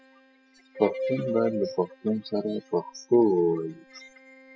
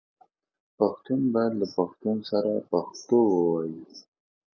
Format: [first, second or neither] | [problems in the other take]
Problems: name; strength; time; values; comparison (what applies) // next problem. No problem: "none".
second | noise reduction (classical method spectral subtraction)